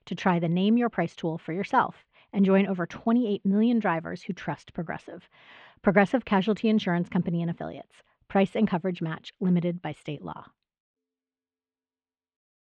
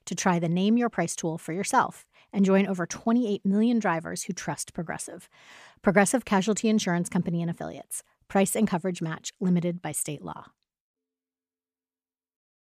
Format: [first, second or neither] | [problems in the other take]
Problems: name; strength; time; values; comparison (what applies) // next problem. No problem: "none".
second | muffled; very; fading above 3.5 kHz